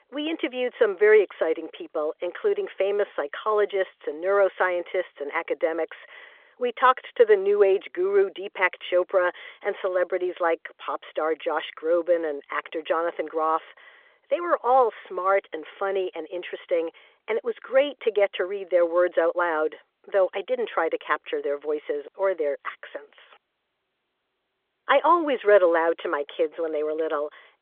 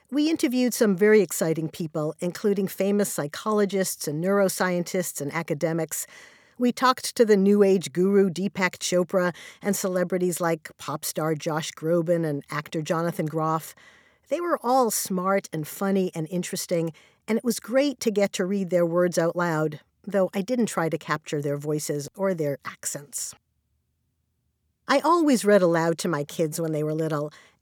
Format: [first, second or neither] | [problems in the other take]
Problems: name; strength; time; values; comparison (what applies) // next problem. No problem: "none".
second | phone-call audio; nothing above 3.5 kHz